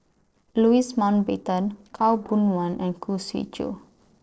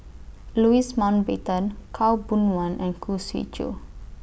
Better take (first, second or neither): second